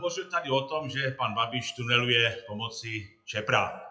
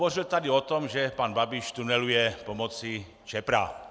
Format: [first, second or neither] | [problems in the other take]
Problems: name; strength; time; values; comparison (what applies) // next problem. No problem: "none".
second | noise reduction (classical method WPE with log-MMSE)